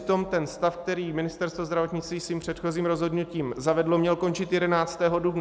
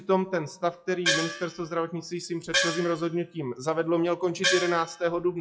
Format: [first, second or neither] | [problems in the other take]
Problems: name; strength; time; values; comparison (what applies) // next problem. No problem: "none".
first | noise reduction (classical method WPE with log-MMSE)